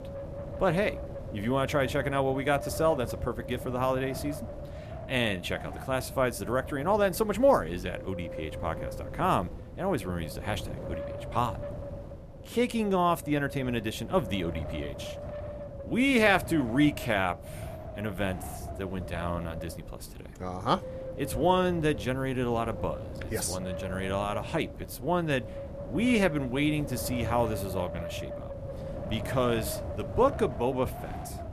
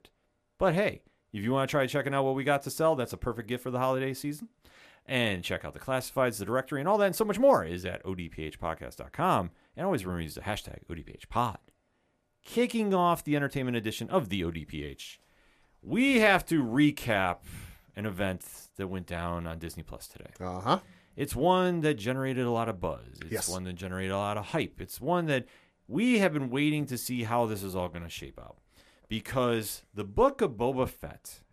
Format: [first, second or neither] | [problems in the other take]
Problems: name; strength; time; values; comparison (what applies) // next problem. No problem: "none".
second | wind noise on the microphone; occasional gusts; 10 dB below the speech